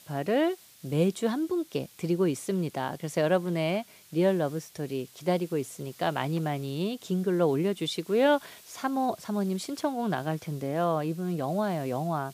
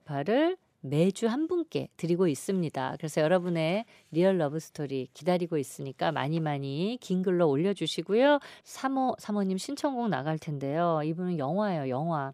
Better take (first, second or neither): second